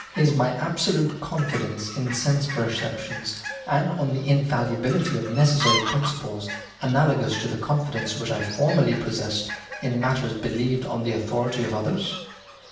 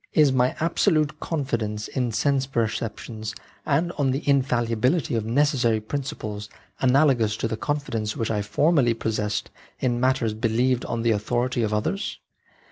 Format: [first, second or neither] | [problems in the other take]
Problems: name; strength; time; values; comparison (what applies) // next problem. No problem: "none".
second | background sound (Fowl); 10 dB below the speech // room echo; dies away in 0.6 s